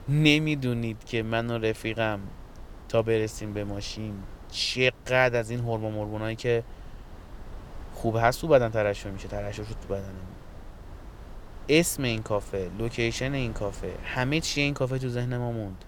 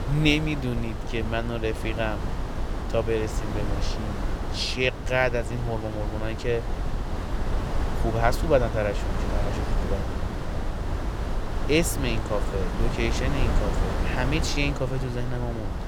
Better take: first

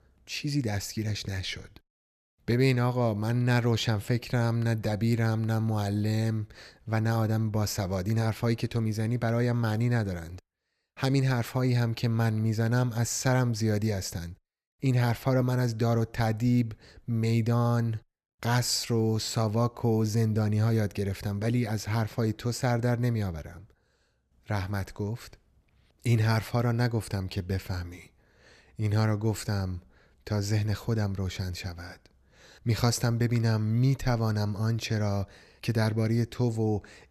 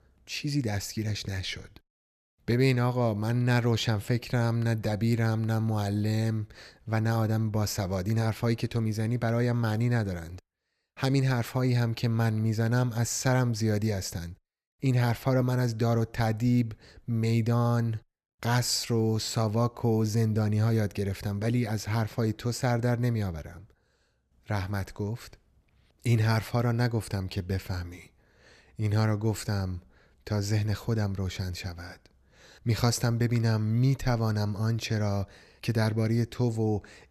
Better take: neither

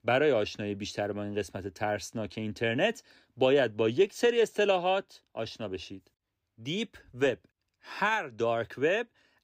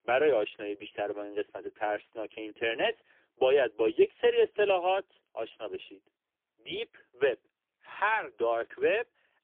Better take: first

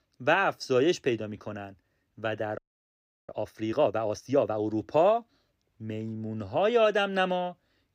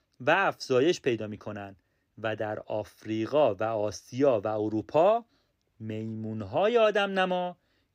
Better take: second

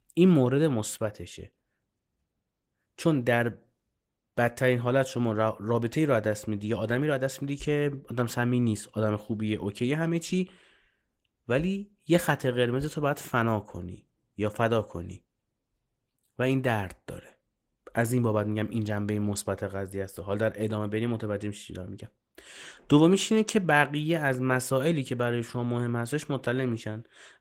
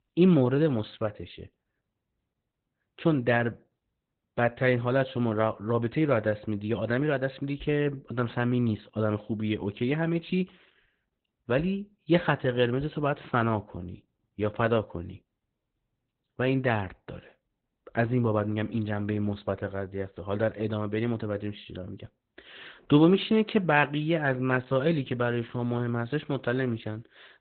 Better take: first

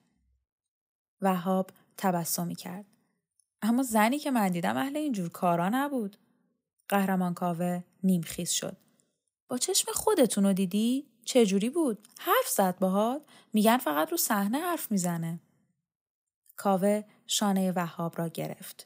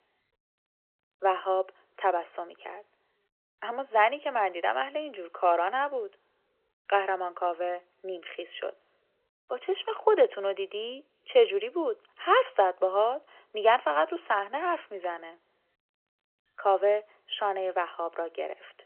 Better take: first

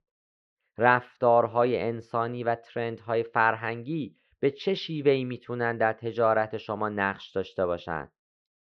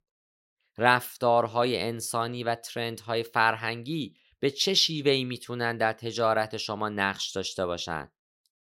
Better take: second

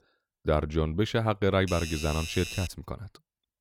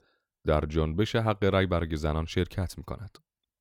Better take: second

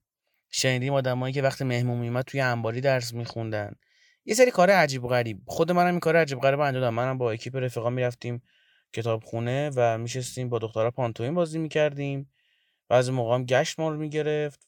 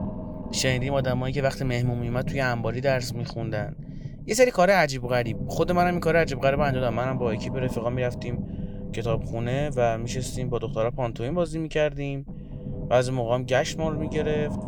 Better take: first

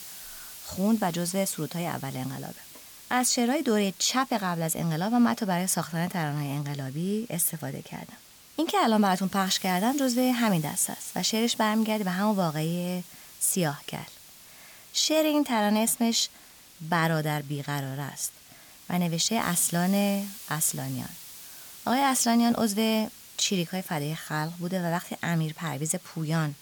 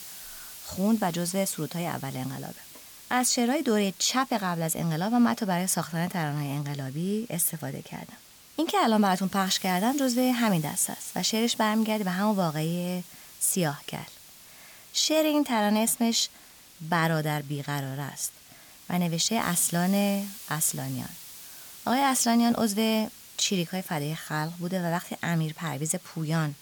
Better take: neither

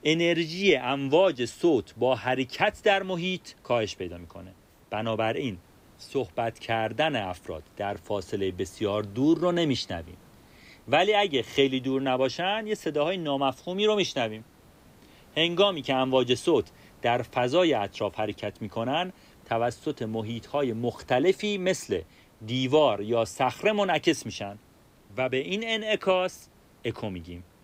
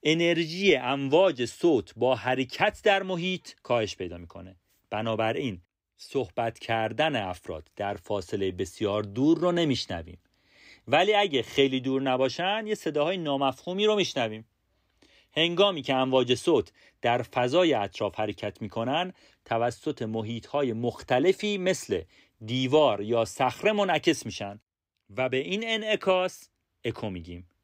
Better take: second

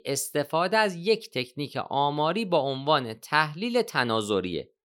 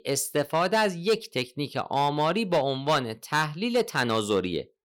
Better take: first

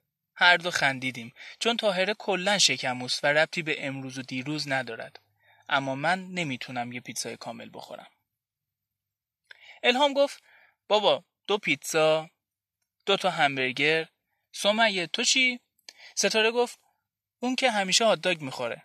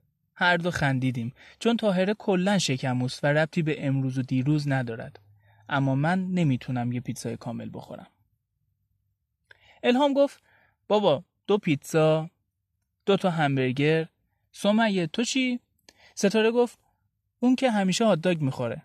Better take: second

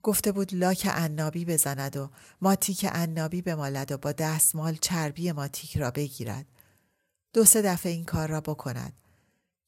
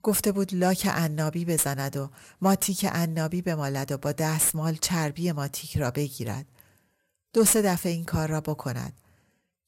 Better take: first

